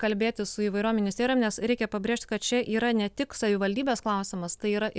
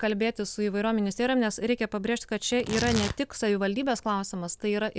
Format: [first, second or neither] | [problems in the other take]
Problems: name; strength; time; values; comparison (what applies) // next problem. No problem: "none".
first | background sound (Tearing); 9 dB below the speech